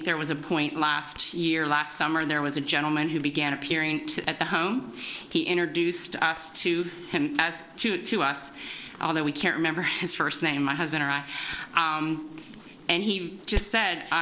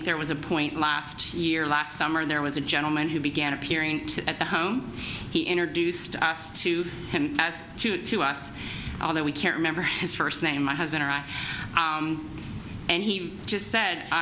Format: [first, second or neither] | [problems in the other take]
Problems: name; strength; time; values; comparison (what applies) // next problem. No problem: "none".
second | noise reduction (neural separator model SepFormer DNS4)